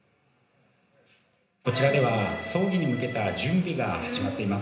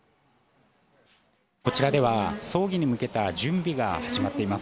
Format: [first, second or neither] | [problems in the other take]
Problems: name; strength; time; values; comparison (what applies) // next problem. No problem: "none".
second | background sound (Accordion); 8 dB below the speech // room echo; dies away in 0.9 s